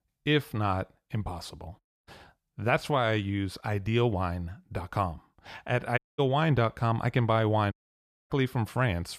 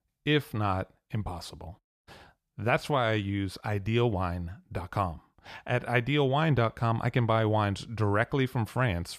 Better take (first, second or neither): second